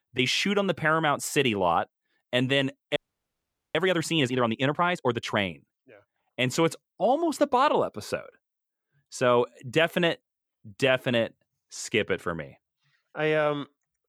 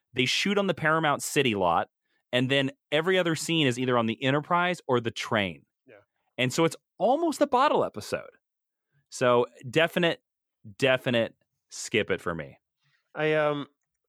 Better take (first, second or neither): second